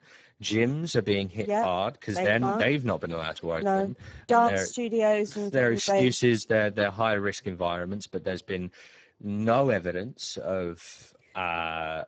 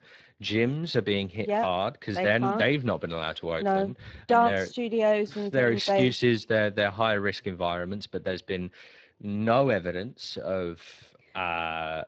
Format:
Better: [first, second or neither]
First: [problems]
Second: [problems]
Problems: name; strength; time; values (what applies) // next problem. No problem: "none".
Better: second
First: garbled, watery; badly; nothing above 7.5 kHz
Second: garbled, watery; slightly